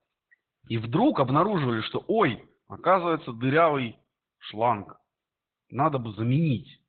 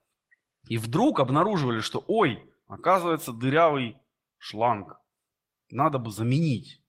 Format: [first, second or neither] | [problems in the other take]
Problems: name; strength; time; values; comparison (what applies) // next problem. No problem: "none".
second | garbled, watery; badly; nothing above 4 kHz; slightly in the second